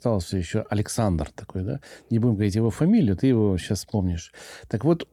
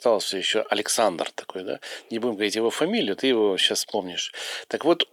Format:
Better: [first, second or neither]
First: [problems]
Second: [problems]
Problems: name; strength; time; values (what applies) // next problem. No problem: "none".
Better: first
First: none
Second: thin; very; fading below 400 Hz